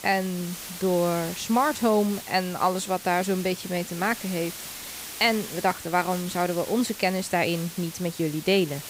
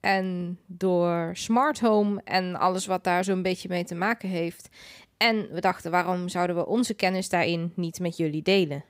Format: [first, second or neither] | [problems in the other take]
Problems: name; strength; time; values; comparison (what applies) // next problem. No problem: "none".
second | hiss; noticeable; throughout; 10 dB below the speech